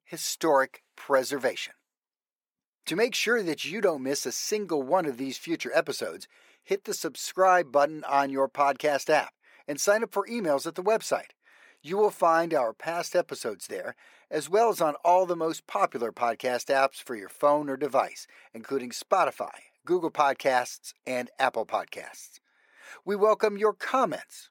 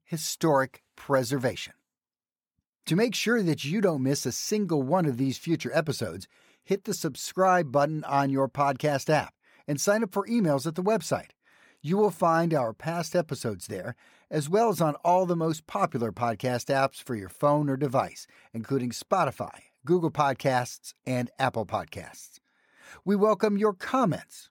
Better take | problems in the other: second | thin; somewhat; fading below 450 Hz

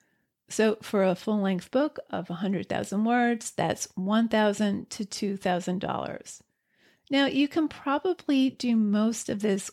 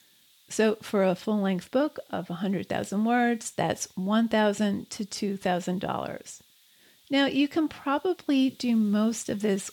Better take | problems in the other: first | hiss; faint; throughout; 30 dB below the speech

